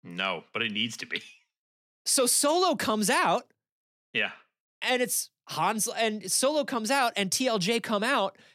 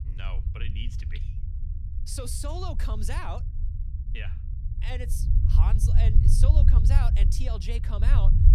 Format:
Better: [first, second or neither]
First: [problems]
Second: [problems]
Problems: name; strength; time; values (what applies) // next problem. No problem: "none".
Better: first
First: none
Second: low rumble; loud; throughout; 4 dB below the speech